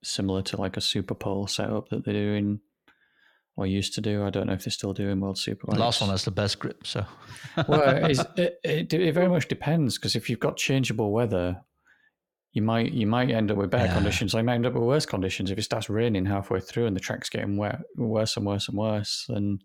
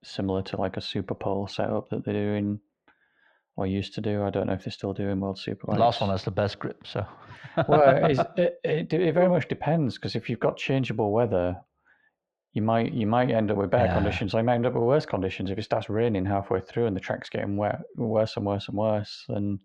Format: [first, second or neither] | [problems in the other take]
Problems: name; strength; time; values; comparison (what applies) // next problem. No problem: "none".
first | muffled; slightly; fading above 3 kHz